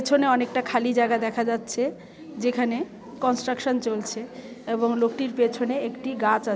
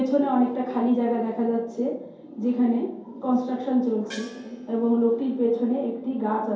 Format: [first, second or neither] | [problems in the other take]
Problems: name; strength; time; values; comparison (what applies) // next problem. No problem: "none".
first | background sound (Gong); 19 dB below the speech // room echo; dies away in 2.4 s